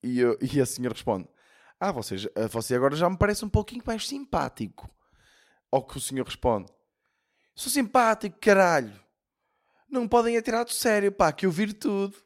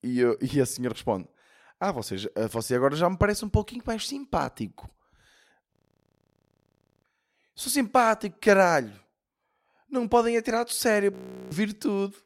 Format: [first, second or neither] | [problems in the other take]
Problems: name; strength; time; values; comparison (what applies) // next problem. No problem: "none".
first | audio freezing; at 5.5 s for 1.5 s and at 11 s